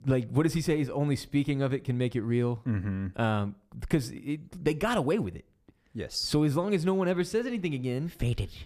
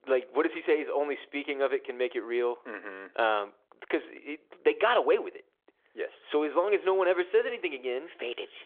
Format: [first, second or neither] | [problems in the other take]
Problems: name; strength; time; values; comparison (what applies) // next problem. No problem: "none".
first | phone-call audio; nothing above 3.5 kHz